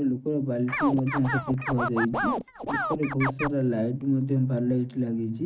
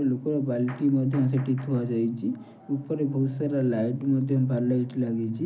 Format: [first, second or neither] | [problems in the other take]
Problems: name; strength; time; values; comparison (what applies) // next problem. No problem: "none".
second | noise reduction (neural mask model RNNoise)